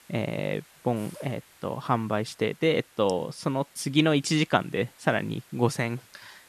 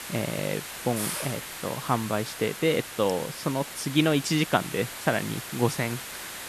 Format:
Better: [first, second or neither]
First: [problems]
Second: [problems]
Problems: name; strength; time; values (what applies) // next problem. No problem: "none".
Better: first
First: hiss; faint; throughout; 25 dB below the speech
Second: hiss; loud; throughout; 8 dB below the speech